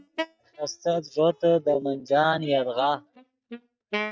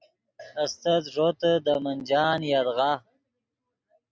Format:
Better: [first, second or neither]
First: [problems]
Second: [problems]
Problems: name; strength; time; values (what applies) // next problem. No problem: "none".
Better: second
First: noise reduction (neural mask model DeepFilterNet 3)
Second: none